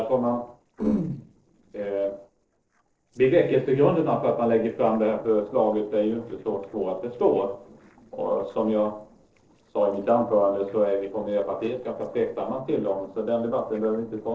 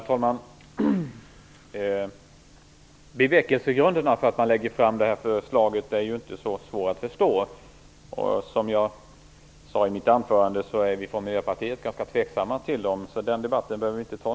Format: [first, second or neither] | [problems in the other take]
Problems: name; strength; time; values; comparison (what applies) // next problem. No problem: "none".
second | noise reduction (neural separator model SepFormer DNS4)